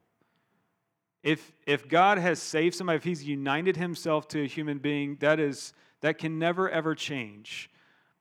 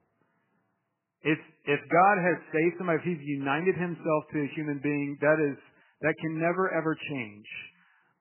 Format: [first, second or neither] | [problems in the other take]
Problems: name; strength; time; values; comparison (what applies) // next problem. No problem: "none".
first | garbled, watery; badly; nothing above 3 kHz